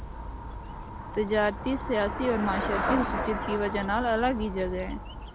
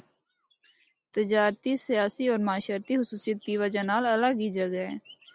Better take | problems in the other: second | background sound (Traffic noise, roadway noise / Bicycle); 4 dB below the speech

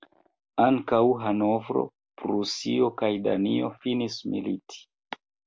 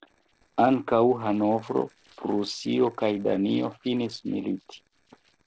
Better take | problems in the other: first | noise reduction (neural separator model SepFormer DNS4)

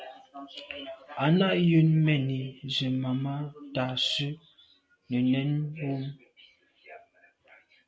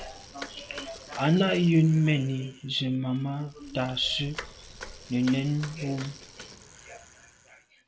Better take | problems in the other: first | background sound (Bicycle); 17 dB below the speech

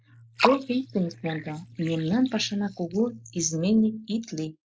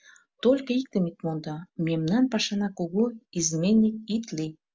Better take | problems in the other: second | noise reduction (neural mask model Resemble Enhance denoiser)

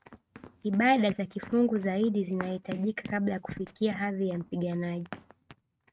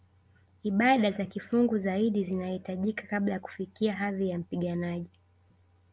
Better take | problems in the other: second | noise reduction (neural mask model RNNoise)

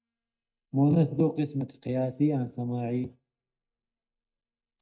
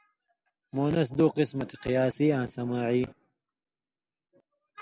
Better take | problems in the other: second | noise reduction (neural mask model DeepFilterNet 3)

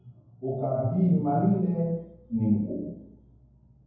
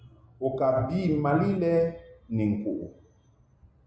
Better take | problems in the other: second | room echo; dies away in 0.9 s

